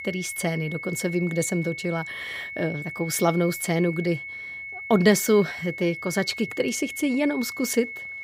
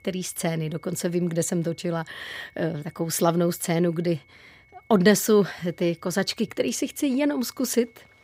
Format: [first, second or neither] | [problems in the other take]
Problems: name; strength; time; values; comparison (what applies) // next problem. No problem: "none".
second | high-pitched whine; loud; throughout; 2 kHz, 9 dB below the speech; faint in the second